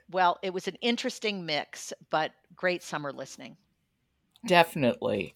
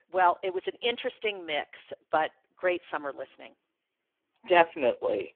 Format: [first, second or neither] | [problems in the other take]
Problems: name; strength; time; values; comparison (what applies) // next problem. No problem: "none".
first | phone-call audio; poor line; nothing above 3.5 kHz